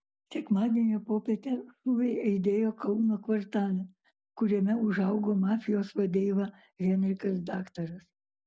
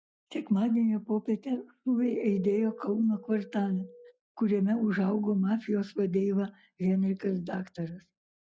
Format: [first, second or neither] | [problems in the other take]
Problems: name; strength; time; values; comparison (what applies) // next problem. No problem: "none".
first | noise reduction (classical method log-MMSE)